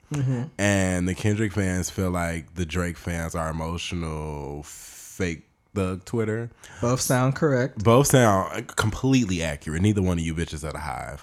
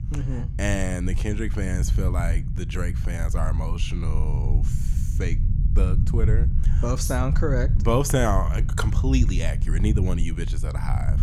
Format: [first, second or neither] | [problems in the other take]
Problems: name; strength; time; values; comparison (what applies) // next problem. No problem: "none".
first | low rumble; noticeable; throughout; 10 dB below the speech